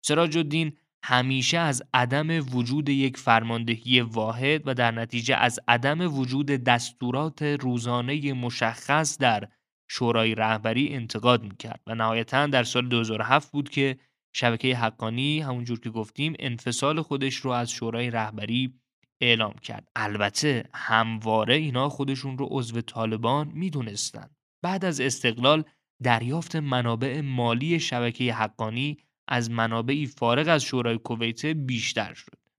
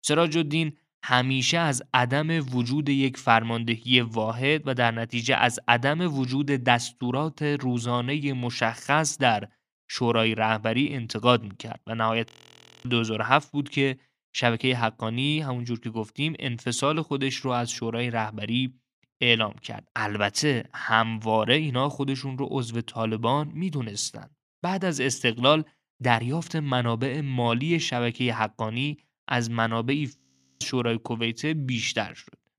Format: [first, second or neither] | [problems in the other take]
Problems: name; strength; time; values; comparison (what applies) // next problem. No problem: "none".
first | audio freezing; at 12 s for 0.5 s and at 30 s